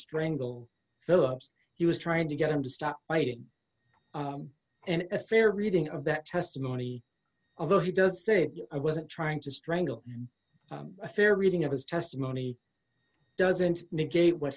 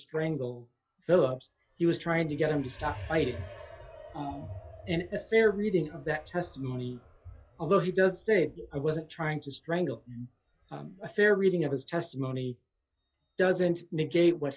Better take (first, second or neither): first